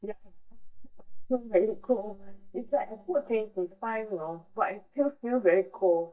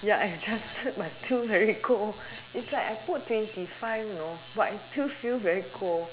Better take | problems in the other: second | noise reduction (neural mask model DeepFilterNet 3)

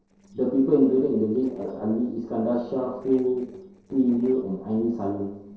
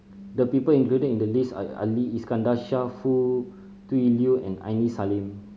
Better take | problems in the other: second | noise reduction (neural separator model SepFormer DNS4)

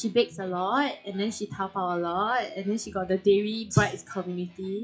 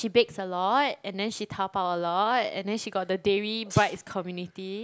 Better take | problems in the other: second | noise reduction (classical method WPE with log-MMSE)

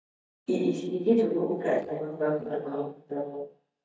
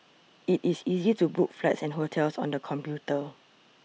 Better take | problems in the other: second | noise reduction (neural mask model DeepFilterNet 3)

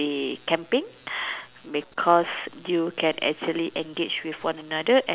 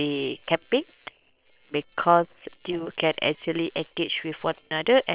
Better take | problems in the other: first | noise reduction (neural separator model SepFormer WHAM!)

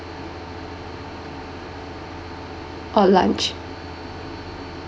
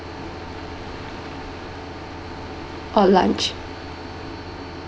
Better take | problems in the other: first | background sound (Waves, surf); 16 dB below the speech

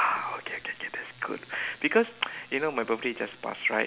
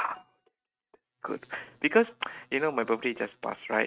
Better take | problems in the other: first | noise reduction (neural mask model RNNoise)

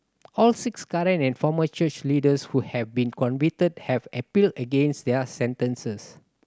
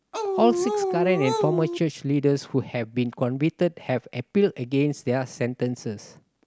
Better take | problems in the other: first | background sound (Dog); as loud as the speech

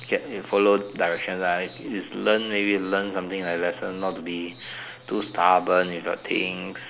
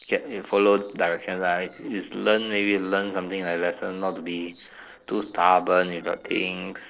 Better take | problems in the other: first | noise reduction (neural separator model SepFormer DNS4)

